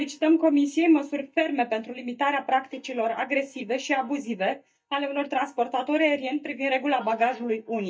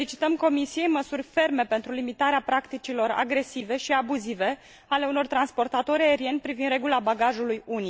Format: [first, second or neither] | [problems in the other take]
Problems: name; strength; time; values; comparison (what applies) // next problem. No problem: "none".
second | noise reduction (neural mask model DeepFilterNet 3)